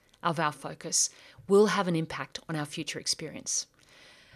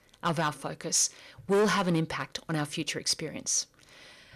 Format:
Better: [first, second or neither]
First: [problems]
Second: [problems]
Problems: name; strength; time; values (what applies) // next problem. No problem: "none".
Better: first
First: none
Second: distortion; heavy; 5% of the sound clipped